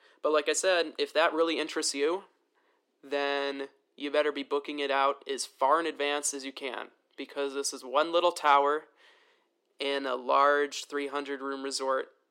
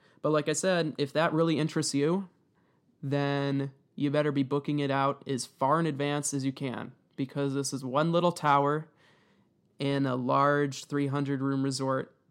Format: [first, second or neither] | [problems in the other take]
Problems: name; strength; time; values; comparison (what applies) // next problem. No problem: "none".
second | thin; somewhat; fading below 350 Hz